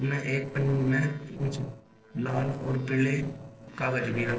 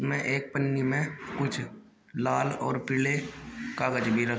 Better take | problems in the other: second | noise reduction (neural separator model SepFormer DNS4)

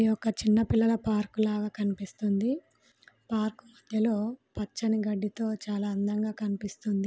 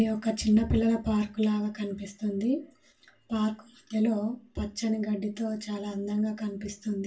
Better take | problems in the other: first | room echo; dies away in 0.2 s

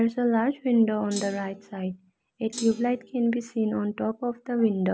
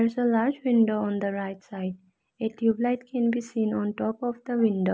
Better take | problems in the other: second | background sound (Thump, thud); 14 dB below the speech

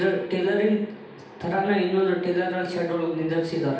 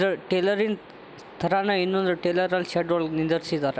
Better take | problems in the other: second | room echo; dies away in 0.8 s

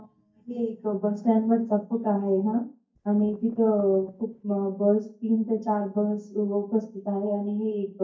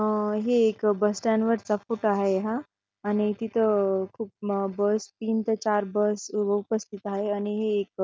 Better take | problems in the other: second | noise reduction (neural mask model DeepFilterNet 3)

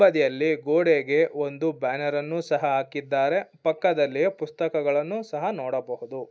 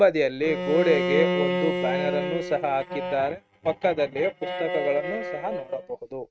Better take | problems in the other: first | noise reduction (neural mask model RNNoise)

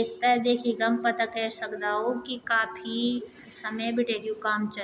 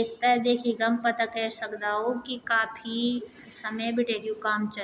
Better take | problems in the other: second | background sound (Glass); 16 dB below the speech

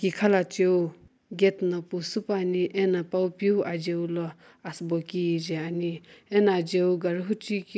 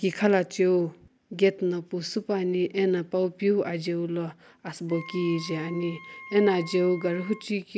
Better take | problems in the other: first | background sound (Wind instrument, woodwind instrument); 18 dB below the speech

